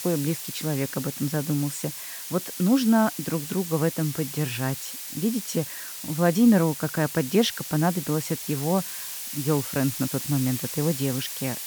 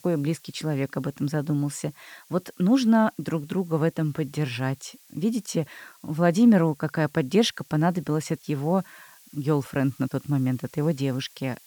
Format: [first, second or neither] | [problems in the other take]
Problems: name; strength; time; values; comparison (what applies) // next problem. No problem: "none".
second | hiss; loud; throughout; 7 dB below the speech; faint in the second